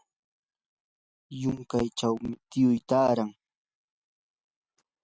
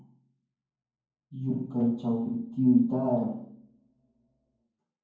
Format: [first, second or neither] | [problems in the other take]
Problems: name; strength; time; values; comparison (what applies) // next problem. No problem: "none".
first | room echo; dies away in 0.9 s